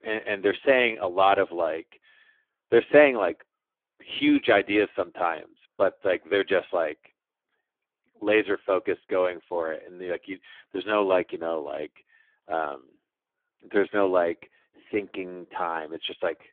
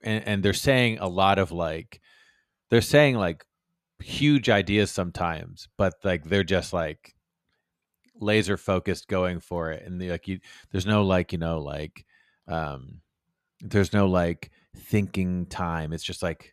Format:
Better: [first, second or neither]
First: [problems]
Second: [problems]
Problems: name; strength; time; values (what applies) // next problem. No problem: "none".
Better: second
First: phone-call audio; poor line; nothing above 3.5 kHz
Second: none